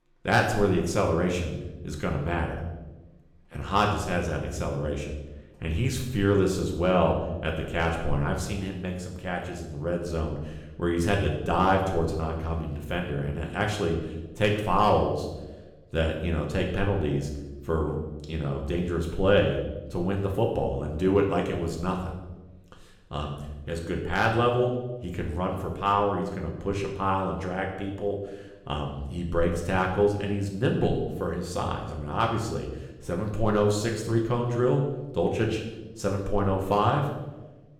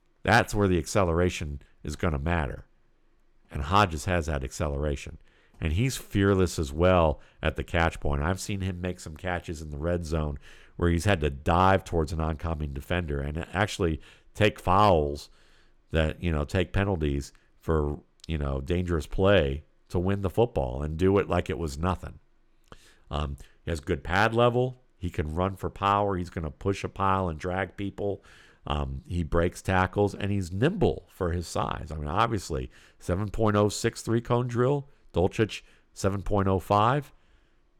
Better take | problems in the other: second | room echo; noticeable; dies away in 0.8 s // off-mic speech; somewhat distant

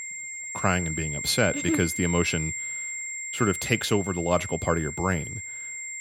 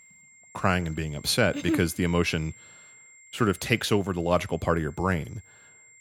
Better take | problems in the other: second | high-pitched whine; loud; throughout; 2 kHz, 5 dB below the speech; faint in the second

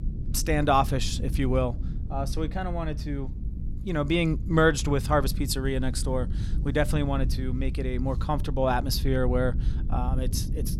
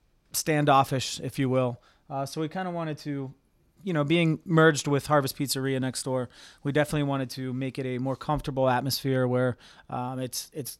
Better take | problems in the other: second | low rumble; noticeable; throughout; 15 dB below the speech

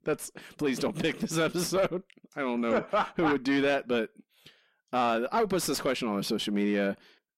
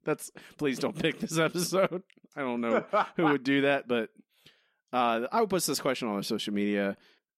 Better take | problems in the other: second | distortion; slight; 10 dB below the speech

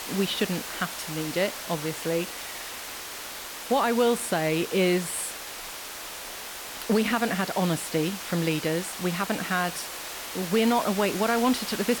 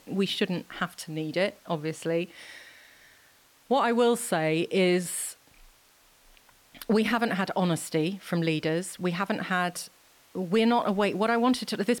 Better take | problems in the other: second | hiss; loud; throughout; 8 dB below the speech; faint in the second

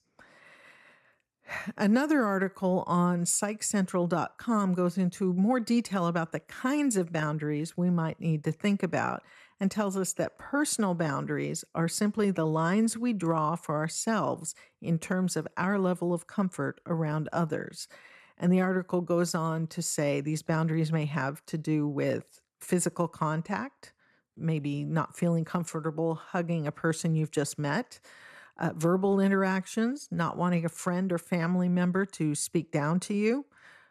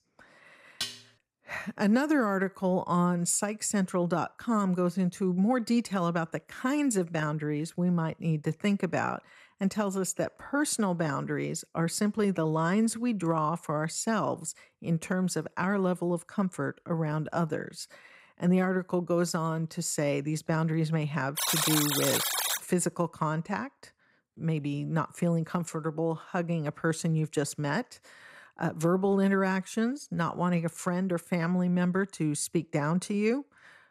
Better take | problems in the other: first | clattering dishes; noticeable; at 1 s; peak 6 dB below the speech // alarm; loud; from 21 to 23 s; peak 4 dB above the speech

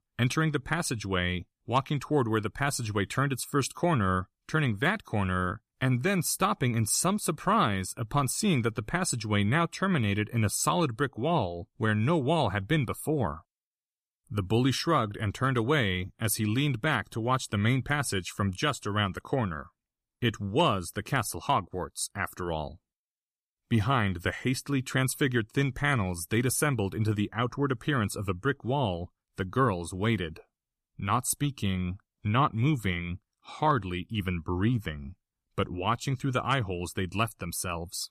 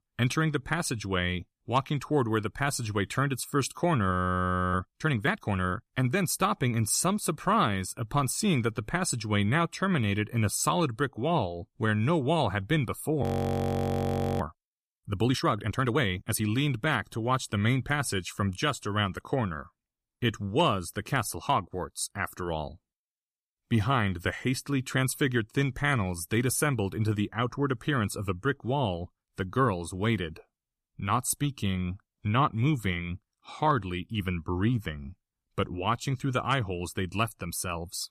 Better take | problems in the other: first | audio freezing; at 4 s for 0.5 s and at 13 s for 1 s

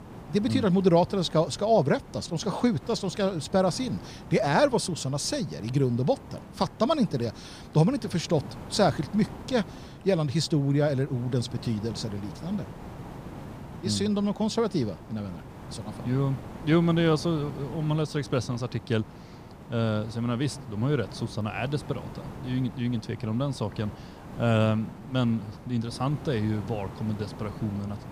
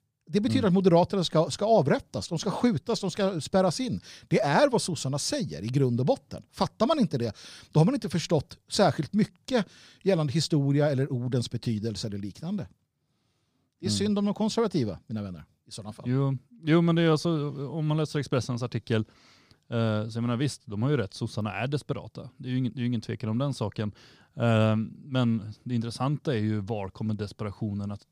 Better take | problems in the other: second | hiss; noticeable; throughout; 15 dB below the speech

